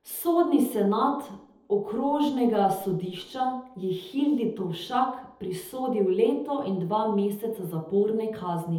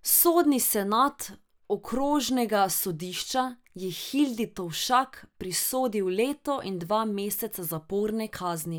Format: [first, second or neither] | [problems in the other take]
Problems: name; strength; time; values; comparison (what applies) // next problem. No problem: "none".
second | room echo; dies away in 0.7 s